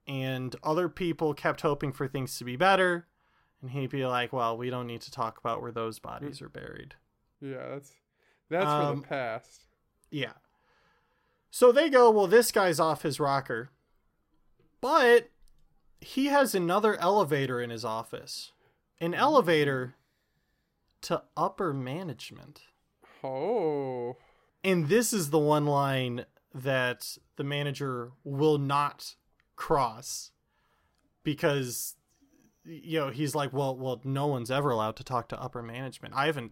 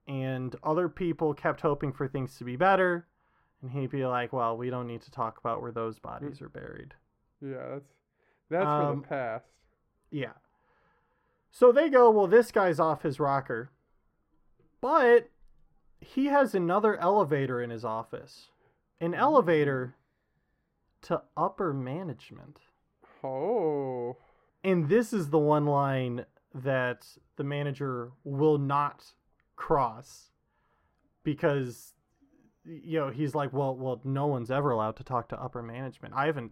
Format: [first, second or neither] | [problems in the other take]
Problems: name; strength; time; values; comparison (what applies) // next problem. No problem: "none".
first | muffled; slightly; fading above 2.5 kHz